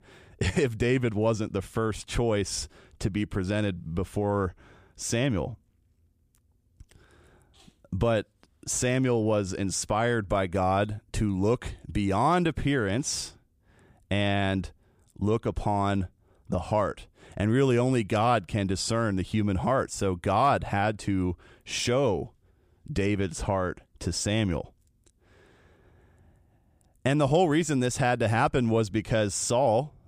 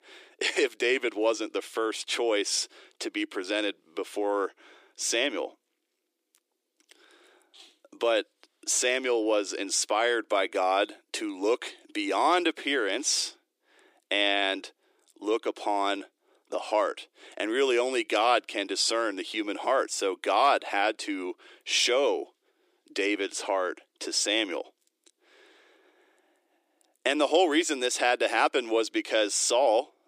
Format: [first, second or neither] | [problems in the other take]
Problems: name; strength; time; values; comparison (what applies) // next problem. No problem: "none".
first | thin; very; fading below 300 Hz